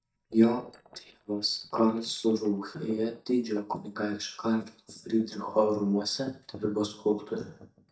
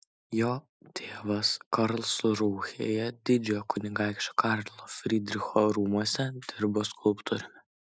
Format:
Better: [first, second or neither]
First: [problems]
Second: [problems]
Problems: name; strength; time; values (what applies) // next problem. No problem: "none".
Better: second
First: noise reduction (neural mask model DeepFilterNet 3)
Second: none